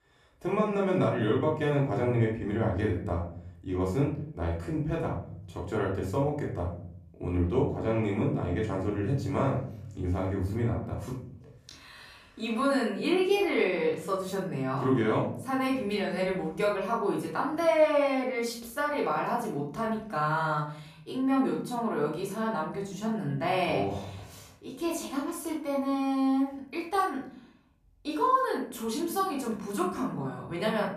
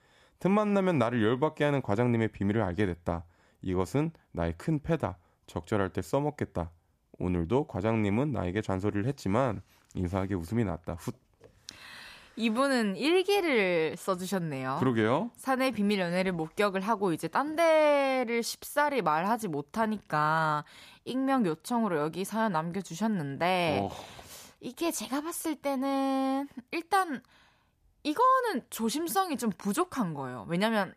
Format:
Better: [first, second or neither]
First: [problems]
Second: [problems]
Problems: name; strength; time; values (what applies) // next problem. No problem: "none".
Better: second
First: off-mic speech; far // room echo; noticeable; dies away in 0.8 s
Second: none